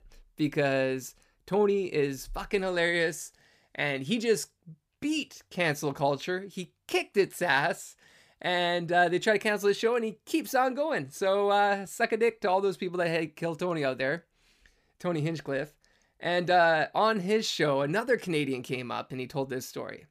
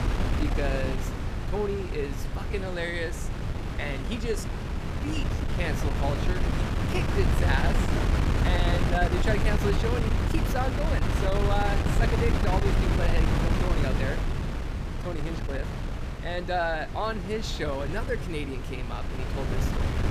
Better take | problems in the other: first | wind noise on the microphone; heavy; 2 dB below the speech

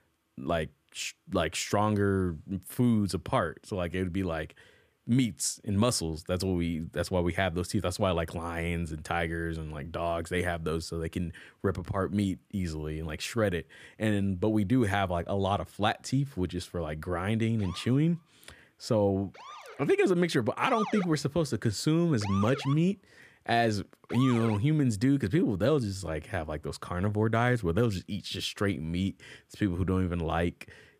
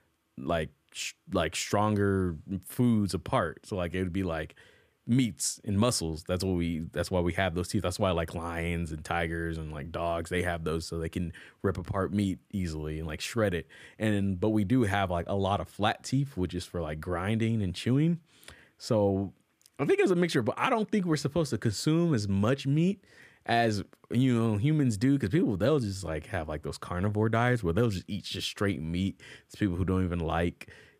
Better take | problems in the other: second | siren; noticeable; from 18 to 25 s; peak 5 dB below the speech

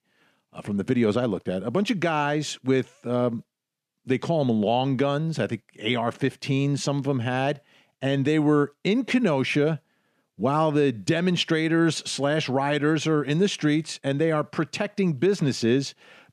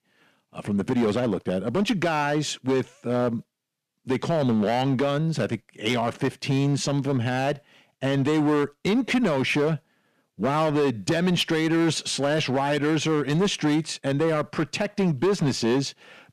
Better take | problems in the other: first | distortion; slight; 10% of the sound clipped

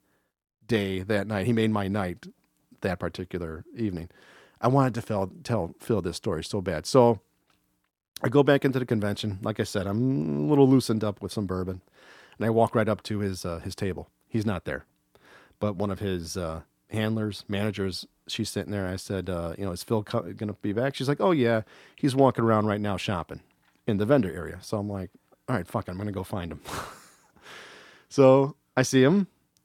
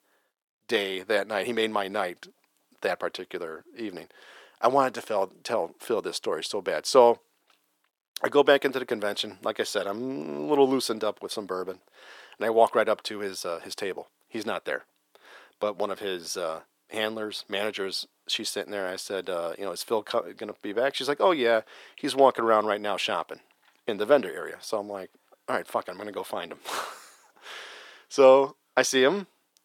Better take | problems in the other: first | thin; somewhat; fading below 500 Hz

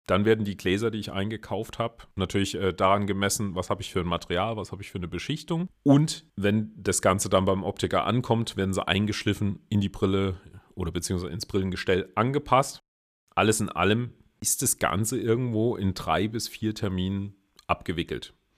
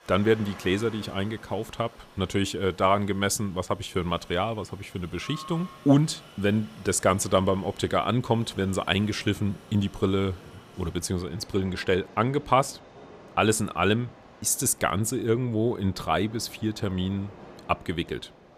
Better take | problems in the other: first | train or aircraft noise; faint; throughout; 20 dB below the speech

